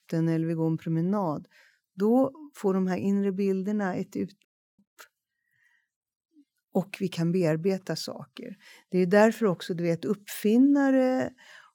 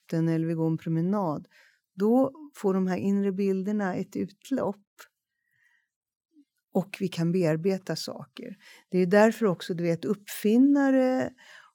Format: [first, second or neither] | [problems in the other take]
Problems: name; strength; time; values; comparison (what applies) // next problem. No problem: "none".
second | audio cutting out; at 4.5 s